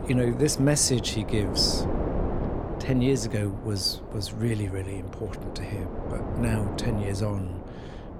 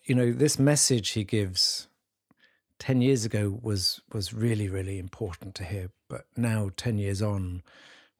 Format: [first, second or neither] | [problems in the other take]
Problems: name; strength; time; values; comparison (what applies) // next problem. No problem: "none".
second | wind noise on the microphone; heavy; 8 dB below the speech